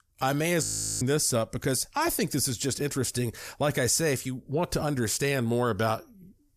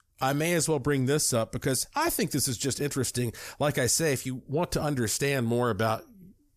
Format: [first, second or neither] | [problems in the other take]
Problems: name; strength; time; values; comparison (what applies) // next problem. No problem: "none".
second | audio freezing; at 0.5 s